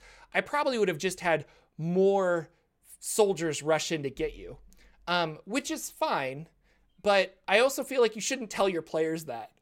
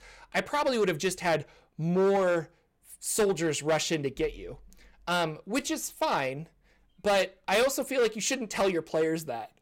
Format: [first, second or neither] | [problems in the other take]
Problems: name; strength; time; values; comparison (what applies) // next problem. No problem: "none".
first | distortion; slight; 7% of the sound clipped